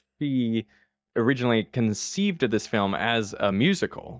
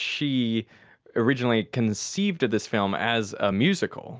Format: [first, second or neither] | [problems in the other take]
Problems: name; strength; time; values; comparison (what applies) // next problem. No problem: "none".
second | noise reduction (neural mask model DeepFilterNet 3)